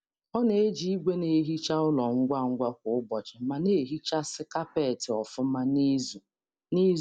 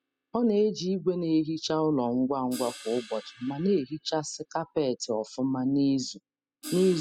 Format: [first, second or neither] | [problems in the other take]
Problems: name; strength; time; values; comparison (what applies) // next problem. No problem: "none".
first | noise reduction (classical method spectral subtraction)